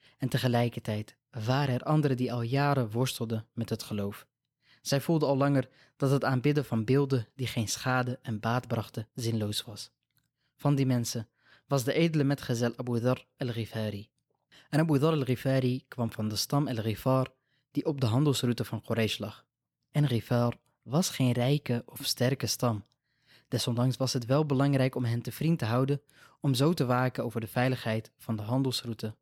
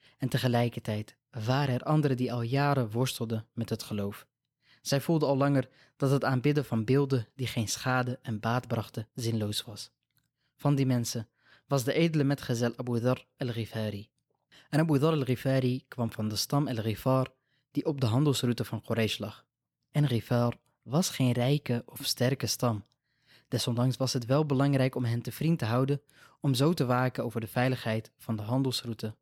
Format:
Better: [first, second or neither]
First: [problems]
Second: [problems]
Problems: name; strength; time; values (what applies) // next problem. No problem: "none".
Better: neither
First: none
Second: none